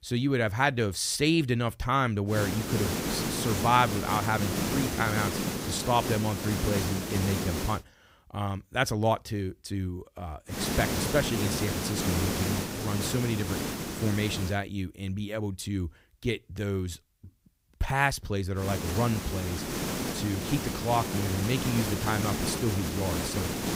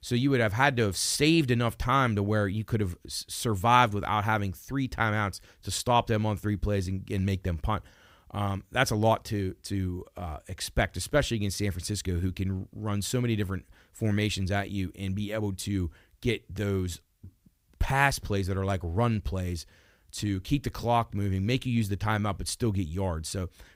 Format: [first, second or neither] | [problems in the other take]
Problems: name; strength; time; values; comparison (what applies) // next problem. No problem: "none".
second | hiss; loud; from 2.5 to 8 s, from 11 to 15 s and from 19 s on; 2 dB below the speech